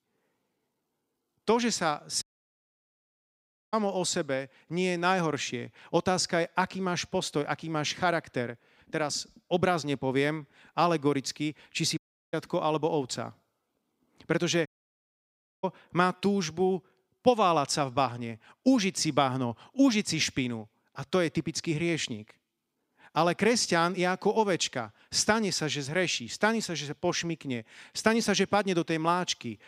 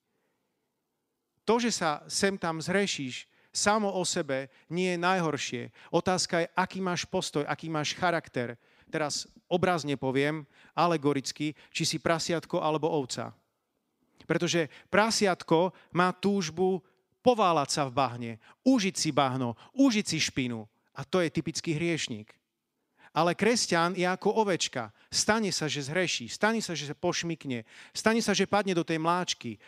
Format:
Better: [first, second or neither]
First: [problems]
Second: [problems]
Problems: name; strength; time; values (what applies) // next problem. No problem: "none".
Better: second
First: audio cutting out; at 2 s for 1.5 s, at 12 s and at 15 s for 1 s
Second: none